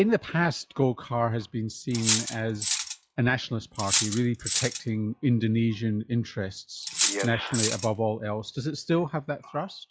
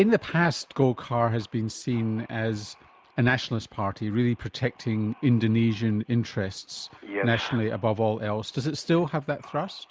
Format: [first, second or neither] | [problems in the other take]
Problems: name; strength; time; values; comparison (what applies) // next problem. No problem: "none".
second | noise reduction (classical method log-MMSE)